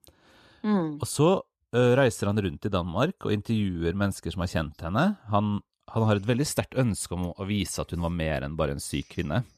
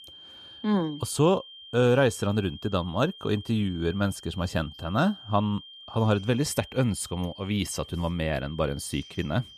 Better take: first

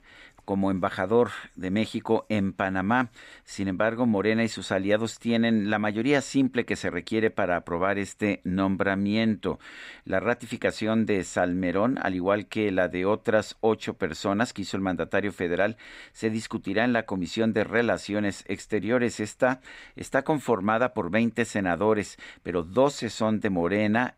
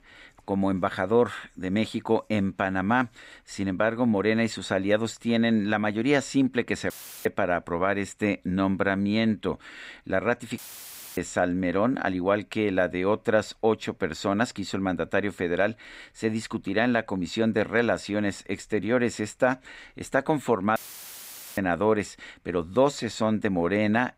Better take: first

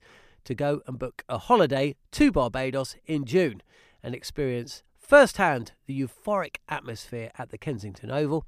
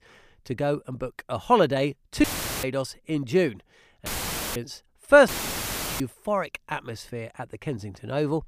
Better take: first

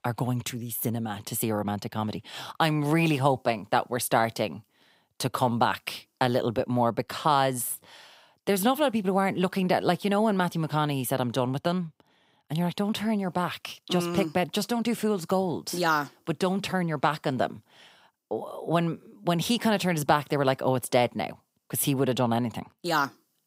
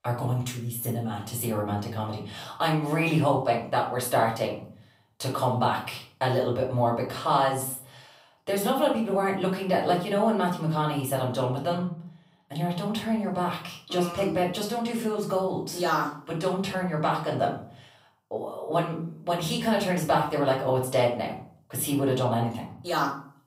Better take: first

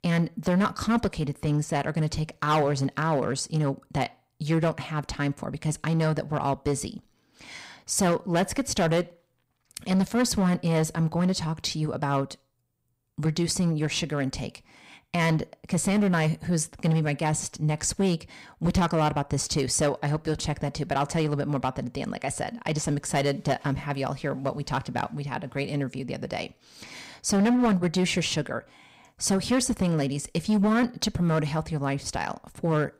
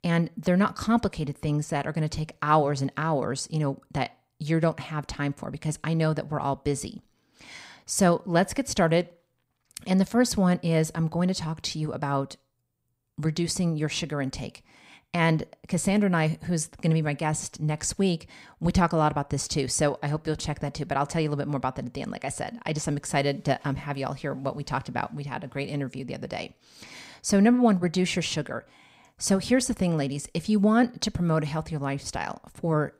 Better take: second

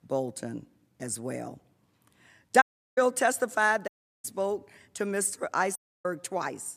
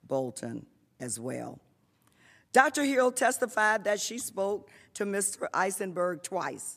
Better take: second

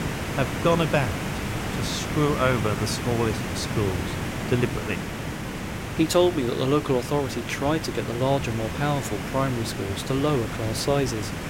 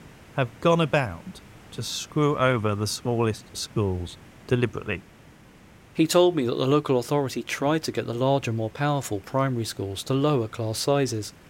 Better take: second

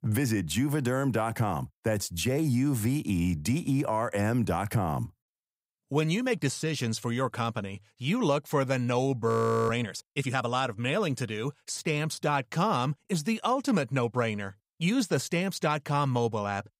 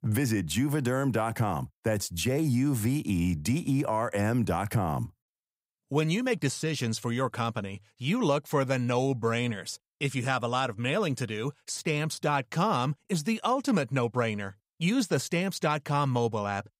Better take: second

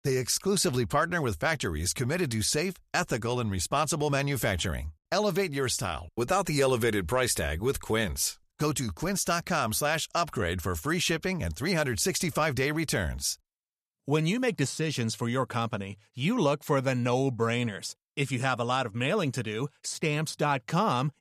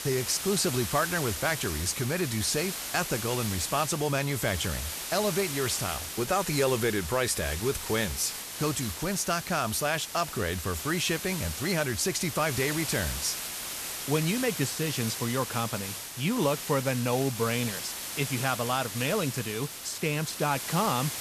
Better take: first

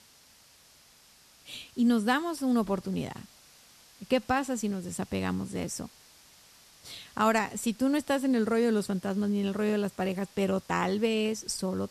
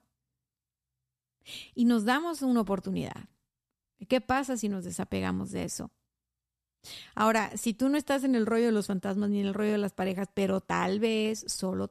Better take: second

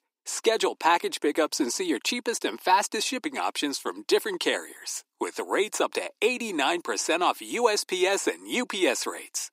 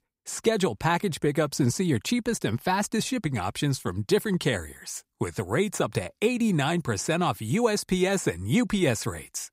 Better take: second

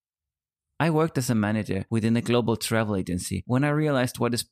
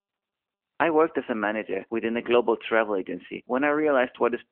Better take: first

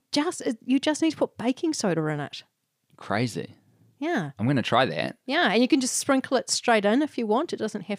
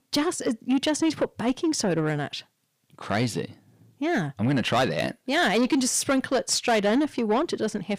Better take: first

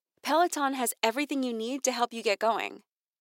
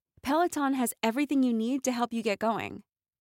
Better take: second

